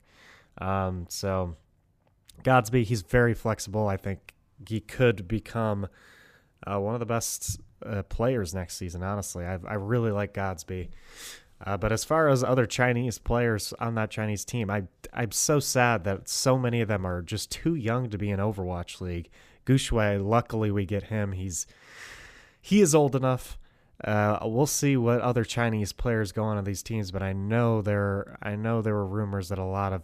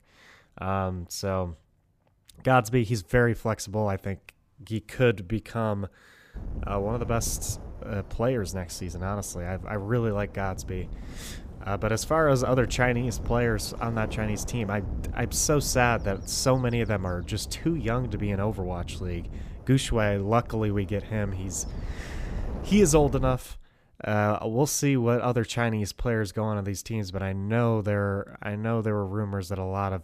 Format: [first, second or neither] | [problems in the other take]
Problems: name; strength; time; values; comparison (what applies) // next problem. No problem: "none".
first | wind noise on the microphone; occasional gusts; from 6.5 to 23 s; 20 dB below the speech